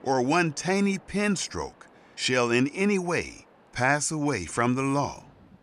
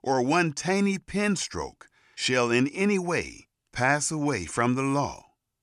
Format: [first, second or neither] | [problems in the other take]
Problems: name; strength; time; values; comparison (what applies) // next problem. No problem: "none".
second | rain or running water; faint; throughout; 30 dB below the speech